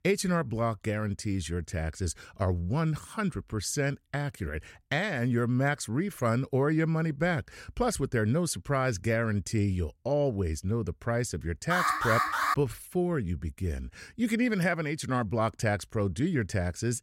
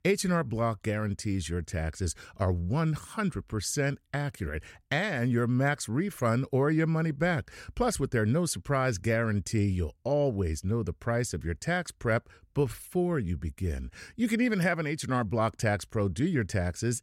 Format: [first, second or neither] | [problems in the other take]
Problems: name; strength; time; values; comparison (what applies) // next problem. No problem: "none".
second | alarm; loud; at 12 s; peak 3 dB above the speech